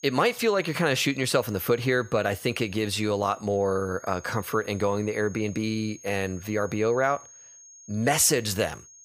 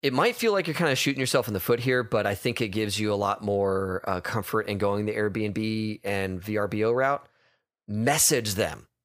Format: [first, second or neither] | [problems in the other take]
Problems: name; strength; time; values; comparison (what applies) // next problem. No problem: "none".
second | high-pitched whine; faint; throughout; 6.5 kHz, 20 dB below the speech